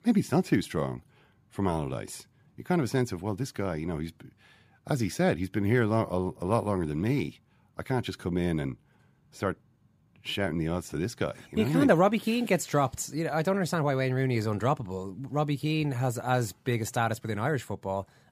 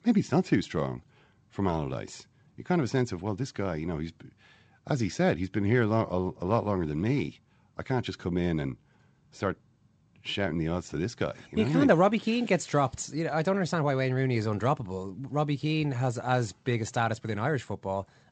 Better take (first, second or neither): first